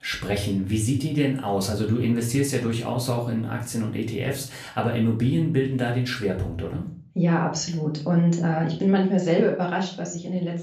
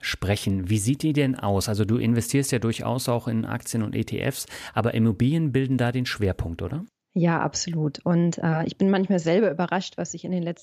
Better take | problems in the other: second | room echo; slight; dies away in 0.4 s // off-mic speech; far

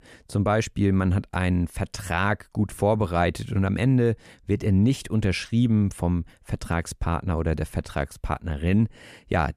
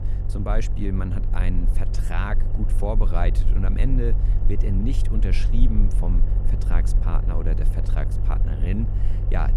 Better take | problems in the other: first | low rumble; loud; throughout; 8 dB below the speech

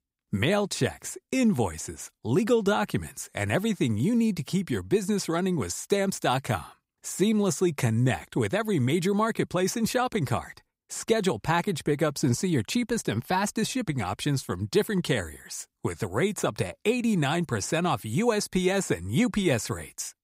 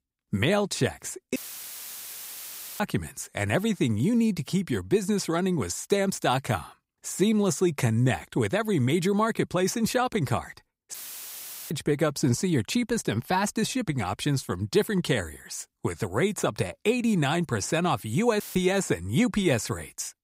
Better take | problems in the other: first | audio cutting out; filled with static; at 1.5 s for 1.5 s, at 11 s for 1 s and at 18 s

